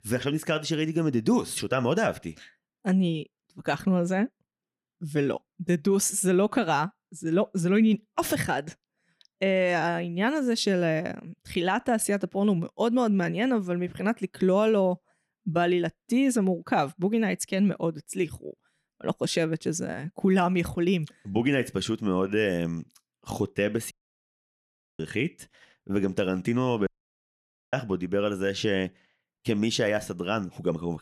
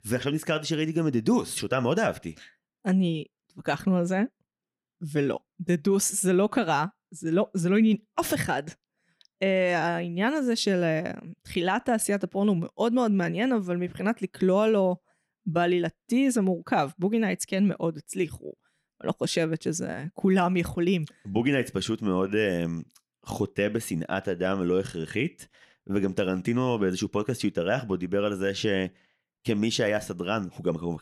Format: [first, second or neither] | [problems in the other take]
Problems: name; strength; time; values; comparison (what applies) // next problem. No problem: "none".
second | audio cutting out; at 24 s for 1 s and at 27 s for 1 s